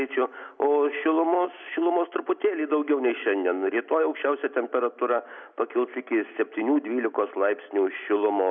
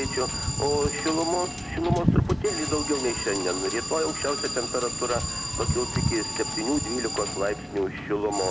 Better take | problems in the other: first | background sound (Wind / Boat, Water vehicle + Alarm); 1 dB below the speech

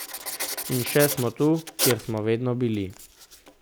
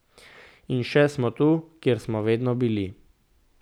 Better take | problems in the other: second | background sound (Writing); 7 dB below the speech

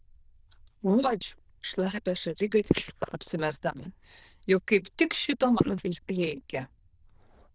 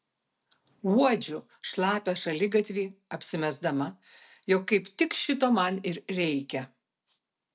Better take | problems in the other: second | noise reduction (neural diffusion model UNIVERSE++)

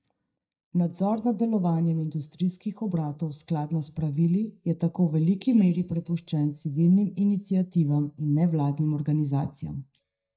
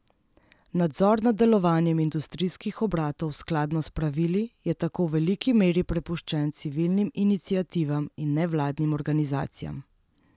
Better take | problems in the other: second | noise reduction (neural mask model DeepFilterNet 3)

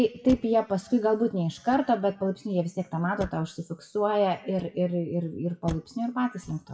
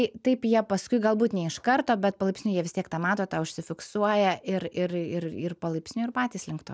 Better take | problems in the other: second | noise reduction (classical method WPE with log-MMSE)

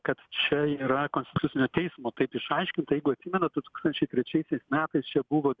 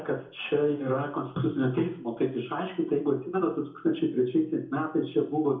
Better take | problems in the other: first | room echo; dies away in 0.6 s

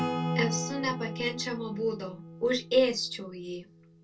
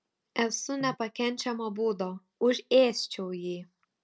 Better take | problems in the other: second | background sound (Acoustic guitar / Strum); 5 dB below the speech // room echo; dies away in 0.2 s

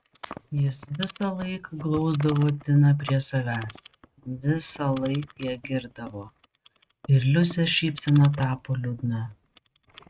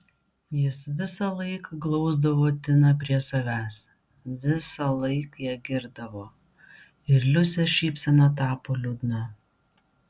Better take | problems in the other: second | noise reduction (neural mask model RNNoise)

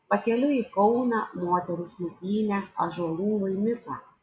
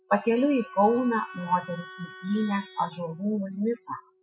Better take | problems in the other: first | noise reduction (classical method spectral subtraction)

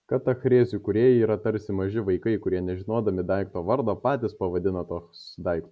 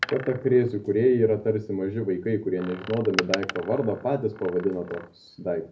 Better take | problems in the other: first | background sound (Door); 12 dB below the speech // room echo; dies away in 0.3 s

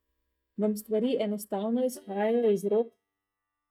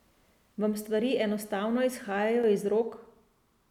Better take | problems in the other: second | noise reduction (neural mask model DeepFilterNet 3)

